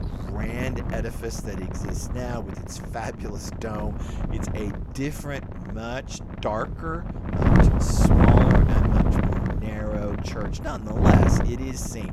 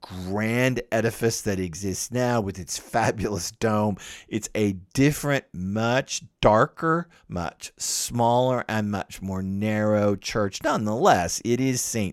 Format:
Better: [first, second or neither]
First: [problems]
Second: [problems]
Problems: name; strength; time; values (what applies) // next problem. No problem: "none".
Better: second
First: wind noise on the microphone; heavy; 4 dB above the speech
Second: none